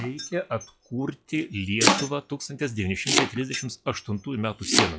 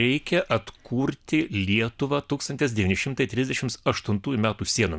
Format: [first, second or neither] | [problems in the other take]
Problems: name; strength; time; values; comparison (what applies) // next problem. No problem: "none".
second | noise reduction (classical method log-MMSE)